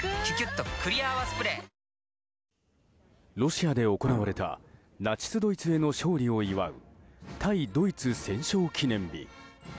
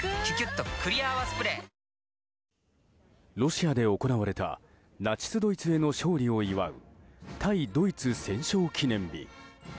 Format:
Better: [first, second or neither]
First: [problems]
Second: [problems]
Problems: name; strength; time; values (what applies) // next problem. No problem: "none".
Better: second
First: background sound (Explosion); 9 dB below the speech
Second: none